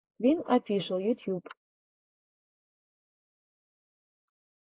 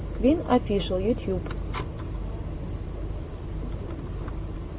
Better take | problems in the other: second | noise reduction (neural mask model Resemble Enhance denoiser)

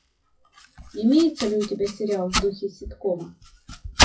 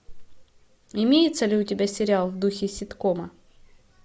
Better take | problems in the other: second | noise reduction (classical method WPE with log-MMSE)

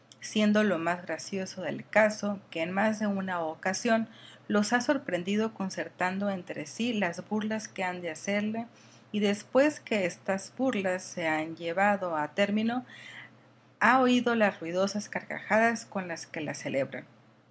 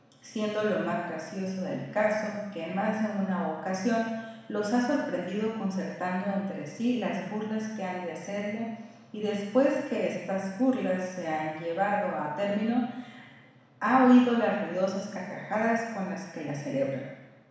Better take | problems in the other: first | room echo; dies away in 1.1 s

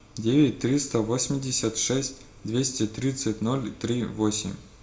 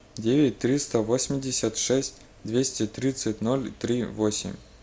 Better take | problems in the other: second | room echo; dies away in 0.4 s

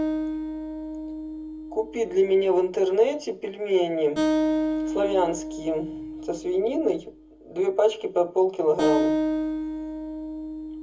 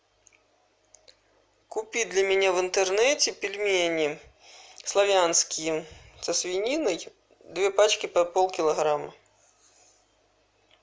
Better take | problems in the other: second | background sound (Acoustic guitar); 4 dB below the speech // room echo; dies away in 0.3 s

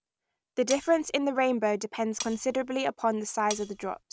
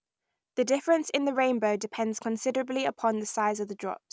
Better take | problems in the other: second | background sound (Cutlery, silverware); 12 dB below the speech

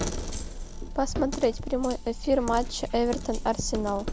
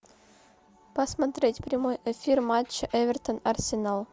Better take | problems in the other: second | background sound (Coin (dropping)); 5 dB below the speech

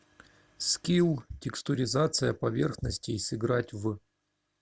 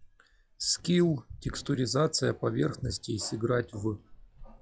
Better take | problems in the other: first | noise reduction (classical method log-MMSE)

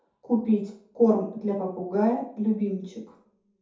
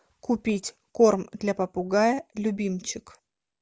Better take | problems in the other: second | room echo; dies away in 0.5 s

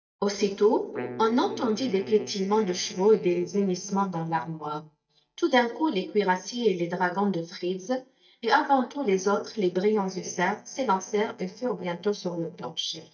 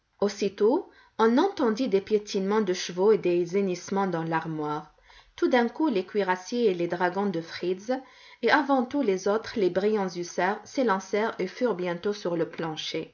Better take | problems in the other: second | noise reduction (neural mask model DeepFilterNet 3)

